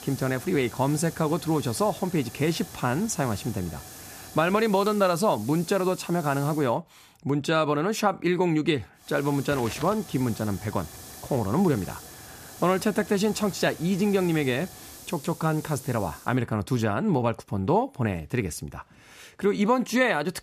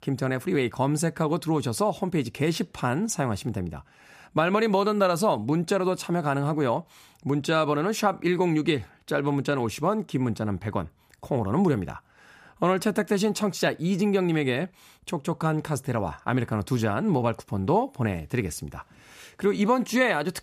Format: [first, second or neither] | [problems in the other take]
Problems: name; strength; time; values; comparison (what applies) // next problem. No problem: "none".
second | hiss; noticeable; until 6.5 s and from 9 to 16 s; 15 dB below the speech